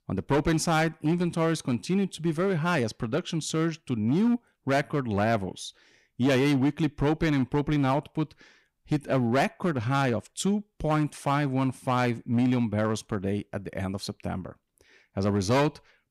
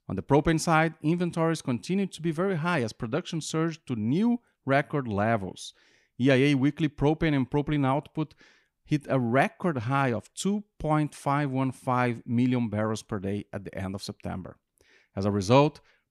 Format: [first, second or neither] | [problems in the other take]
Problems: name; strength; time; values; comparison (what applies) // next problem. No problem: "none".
second | distortion; slight; 7% of the sound clipped